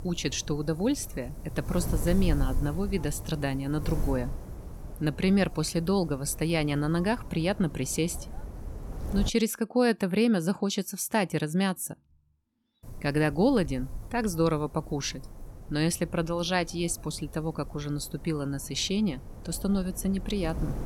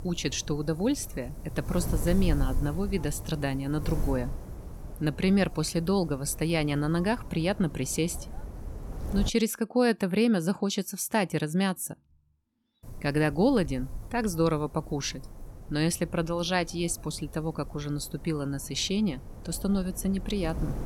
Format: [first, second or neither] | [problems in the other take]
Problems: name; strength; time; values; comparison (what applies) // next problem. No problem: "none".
neither | wind noise on the microphone; occasional gusts; until 9.5 s and from 13 s on; 20 dB below the speech; the same in both